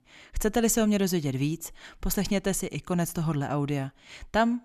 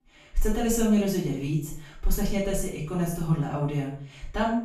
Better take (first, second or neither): first